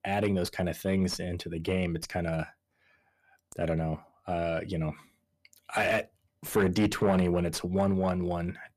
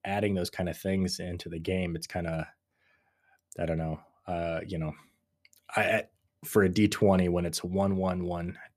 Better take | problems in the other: second | distortion; slight; 10 dB below the speech

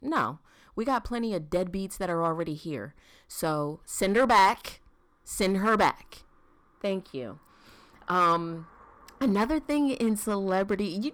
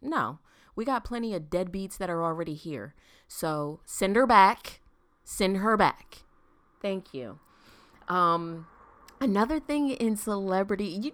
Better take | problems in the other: second | distortion; slight; 3% of the sound clipped

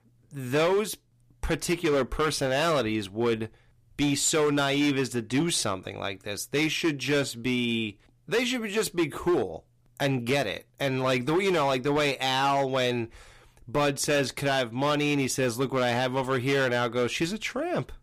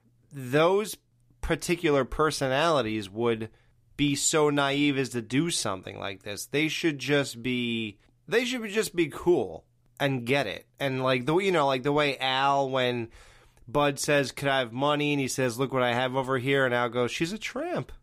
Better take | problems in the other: second | distortion; slight; 9% of the sound clipped

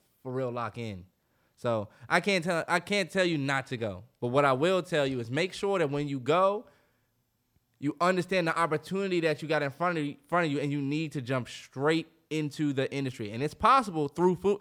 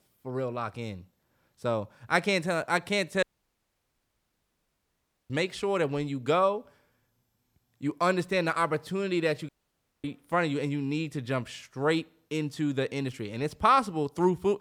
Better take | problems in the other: first | audio cutting out; at 3 s for 2 s and at 9.5 s for 0.5 s

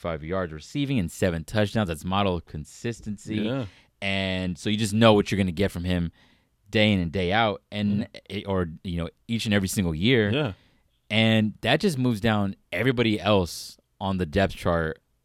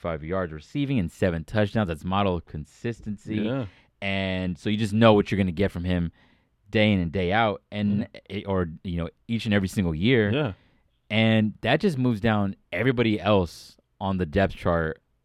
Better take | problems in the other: first | muffled; slightly; fading above 4 kHz

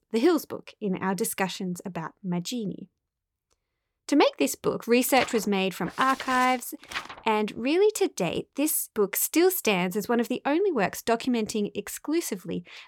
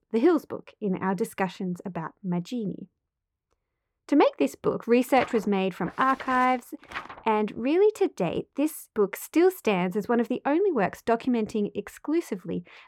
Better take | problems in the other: first | muffled; slightly; fading above 3 kHz

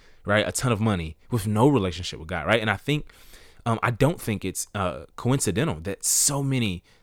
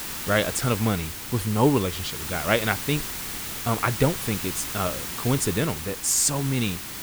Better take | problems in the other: first | hiss; loud; throughout; 6 dB below the speech

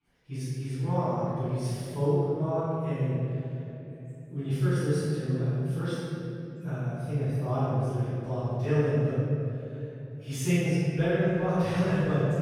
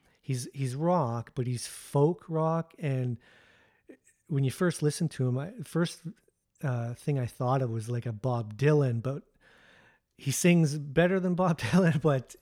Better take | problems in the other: second | off-mic speech; far // room echo; strong; dies away in 3 s

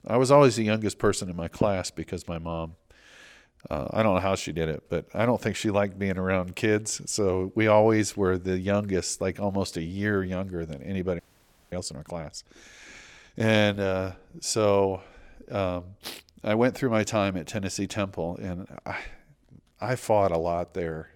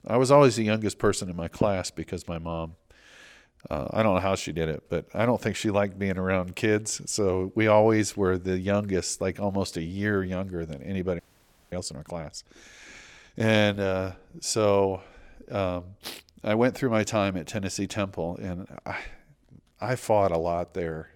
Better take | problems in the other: neither | audio freezing; at 11 s for 0.5 s; the same in both

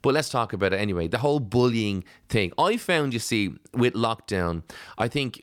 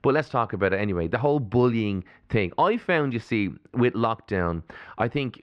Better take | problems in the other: first | muffled; very; fading above 2 kHz

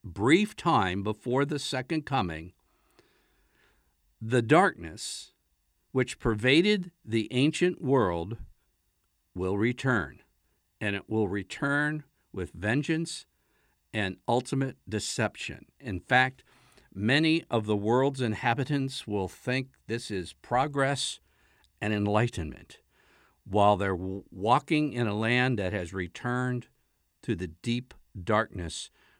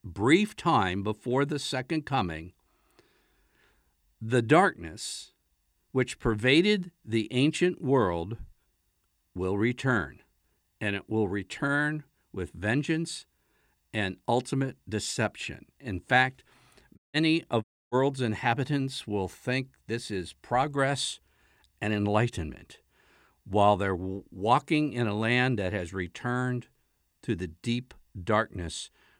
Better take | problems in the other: first | audio cutting out; at 17 s and at 18 s

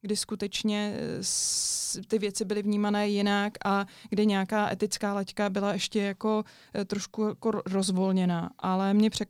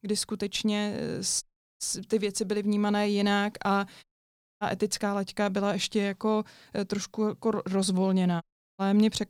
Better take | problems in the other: first | audio cutting out; at 1.5 s, at 4 s for 0.5 s and at 8.5 s

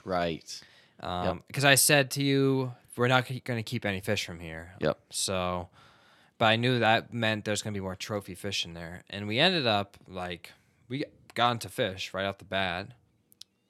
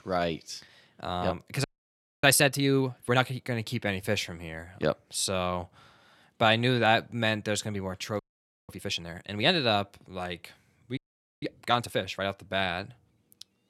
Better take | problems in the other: first | audio freezing; at 1.5 s for 0.5 s, at 8 s for 0.5 s and at 11 s

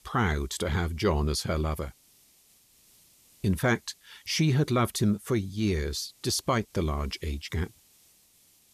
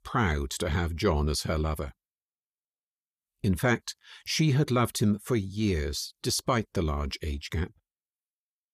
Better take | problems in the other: second | hiss; faint; throughout; 30 dB below the speech

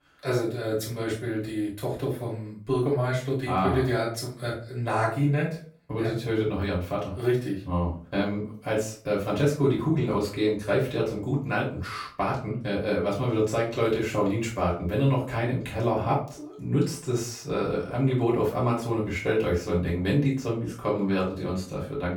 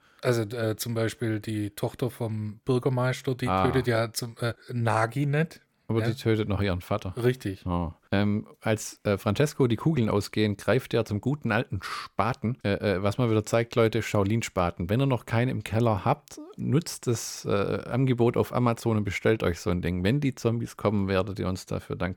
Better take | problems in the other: second | off-mic speech; far // room echo; slight; dies away in 0.3 s

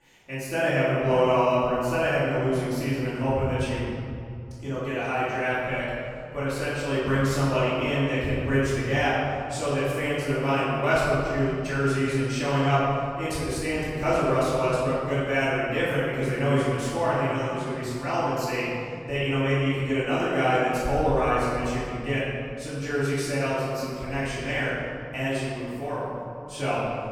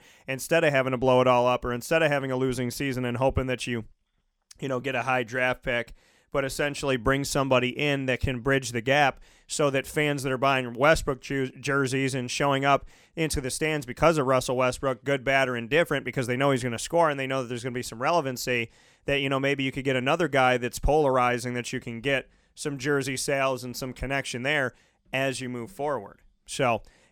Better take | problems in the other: second | room echo; strong; dies away in 2.7 s // off-mic speech; far

